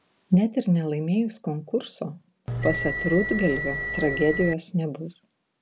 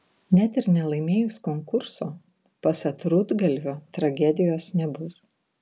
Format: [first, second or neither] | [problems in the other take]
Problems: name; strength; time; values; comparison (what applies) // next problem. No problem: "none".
second | background sound (Bell); 4 dB below the speech